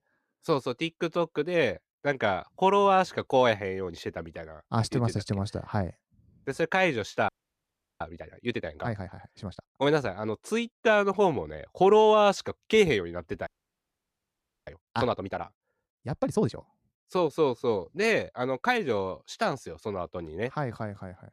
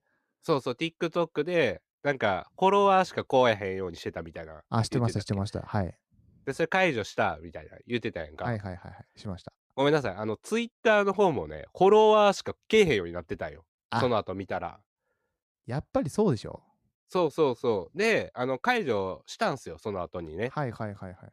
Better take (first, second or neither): second